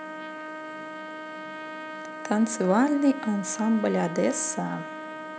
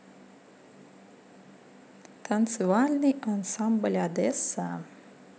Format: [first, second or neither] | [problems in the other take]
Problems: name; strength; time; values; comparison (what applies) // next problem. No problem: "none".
second | background sound (Trumpet); 10 dB below the speech